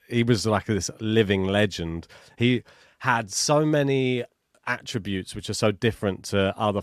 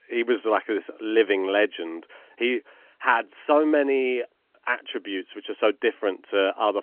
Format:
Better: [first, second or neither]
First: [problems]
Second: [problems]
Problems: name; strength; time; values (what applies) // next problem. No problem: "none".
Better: first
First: none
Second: phone-call audio; nothing above 3.5 kHz